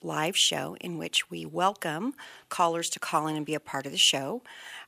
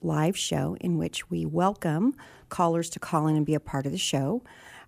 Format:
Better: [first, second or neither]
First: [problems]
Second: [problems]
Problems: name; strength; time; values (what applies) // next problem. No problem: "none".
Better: second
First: thin; somewhat; fading below 1 kHz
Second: none